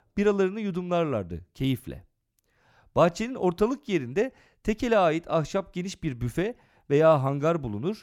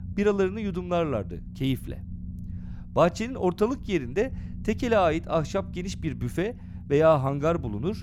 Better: first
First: none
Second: low rumble; faint; throughout; 25 dB below the speech

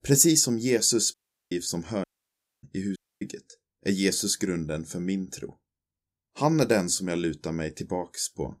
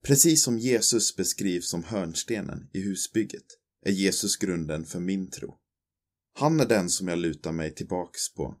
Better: second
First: audio cutting out; at 1 s, at 2 s for 0.5 s and at 3 s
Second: none

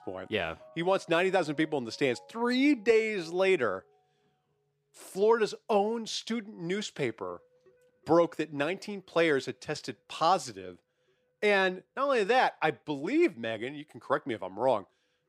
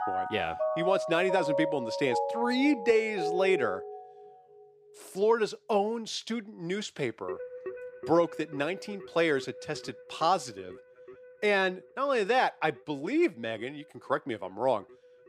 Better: first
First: background music; faint; throughout; 30 dB below the speech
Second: background music; loud; throughout; 6 dB below the speech

